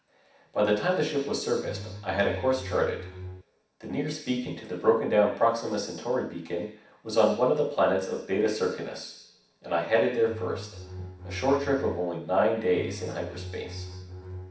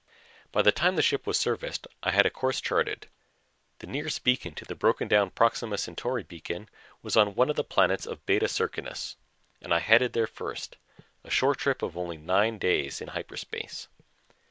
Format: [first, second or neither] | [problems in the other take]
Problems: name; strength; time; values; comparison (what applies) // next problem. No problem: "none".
second | background sound (Bowed string instrument); 11 dB below the speech // room echo; dies away in 0.7 s